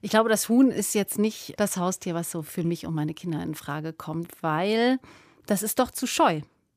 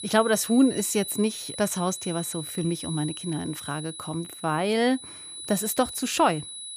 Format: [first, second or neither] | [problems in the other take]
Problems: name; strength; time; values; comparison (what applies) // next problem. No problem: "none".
first | high-pitched whine; loud; throughout; 10 kHz, 10 dB below the speech